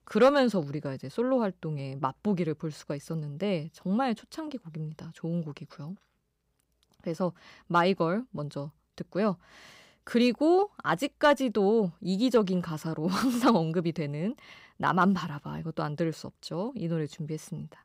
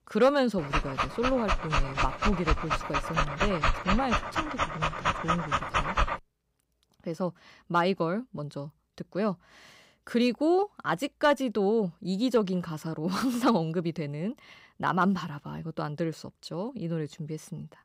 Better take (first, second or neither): first